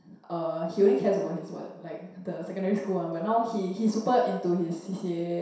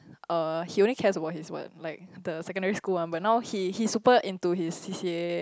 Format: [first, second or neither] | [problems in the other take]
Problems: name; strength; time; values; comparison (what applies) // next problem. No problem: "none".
second | room echo; dies away in 0.7 s